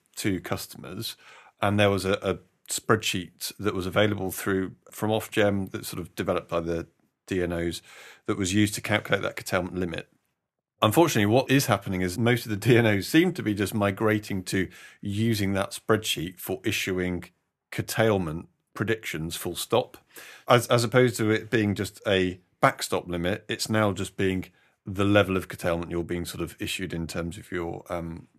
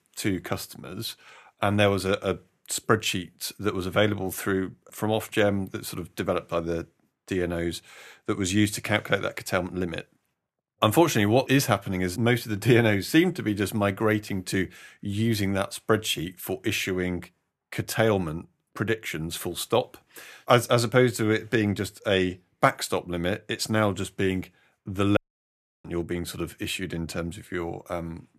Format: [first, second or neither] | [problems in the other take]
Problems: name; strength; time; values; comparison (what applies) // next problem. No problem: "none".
first | audio cutting out; at 25 s for 0.5 s